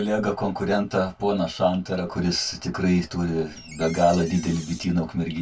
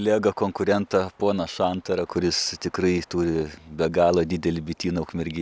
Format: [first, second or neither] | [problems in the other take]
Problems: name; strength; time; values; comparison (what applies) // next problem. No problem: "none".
second | background sound (Door); 18 dB below the speech // room echo; dies away in 0.1 s